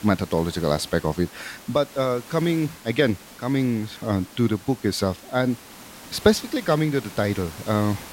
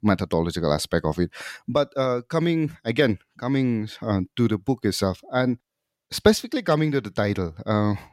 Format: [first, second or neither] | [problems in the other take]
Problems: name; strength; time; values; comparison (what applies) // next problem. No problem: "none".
second | hiss; noticeable; throughout; 15 dB below the speech